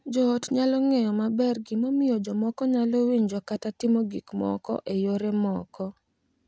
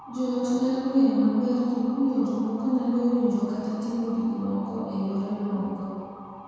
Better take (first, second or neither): first